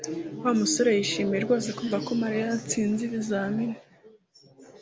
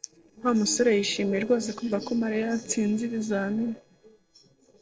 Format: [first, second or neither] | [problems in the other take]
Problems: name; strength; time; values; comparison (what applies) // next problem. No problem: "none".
first | noise reduction (neural separator model SepFormer DNS4)